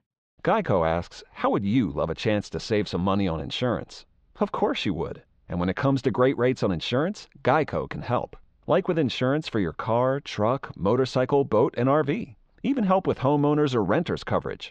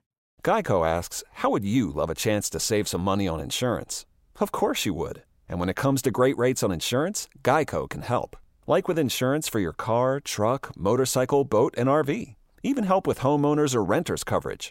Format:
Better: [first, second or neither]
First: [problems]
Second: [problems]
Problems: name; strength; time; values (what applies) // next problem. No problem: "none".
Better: second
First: muffled; slightly; fading above 4.5 kHz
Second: none